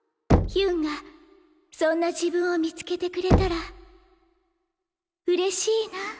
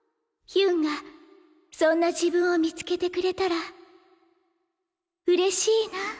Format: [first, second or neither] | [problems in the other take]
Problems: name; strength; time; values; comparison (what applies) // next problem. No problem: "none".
second | background sound (Knock); 2 dB below the speech